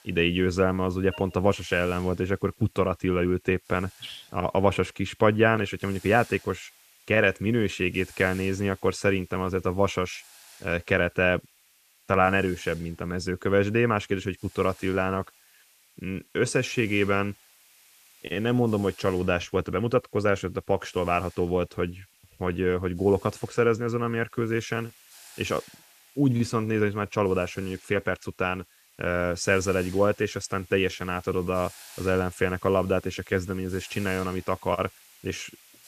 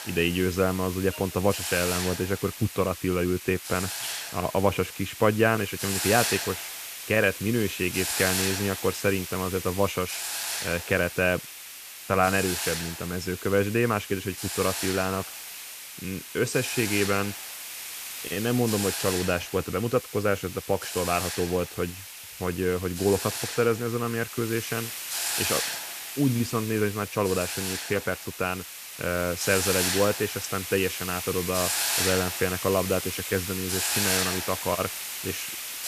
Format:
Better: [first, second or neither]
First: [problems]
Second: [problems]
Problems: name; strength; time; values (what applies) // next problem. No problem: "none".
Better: first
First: hiss; faint; throughout; 25 dB below the speech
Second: hiss; loud; throughout; 4 dB below the speech